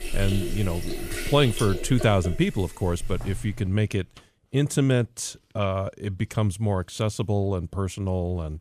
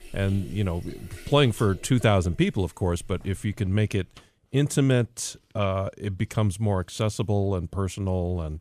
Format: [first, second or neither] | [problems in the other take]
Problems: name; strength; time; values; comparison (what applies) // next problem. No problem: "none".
second | household noises; loud; until 3.5 s; 9 dB below the speech; faint in the second